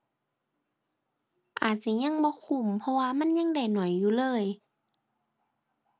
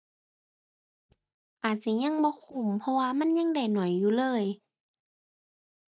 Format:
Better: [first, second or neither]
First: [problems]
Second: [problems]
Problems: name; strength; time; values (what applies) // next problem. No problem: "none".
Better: first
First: none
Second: noise reduction (neural mask model DeepFilterNet 3)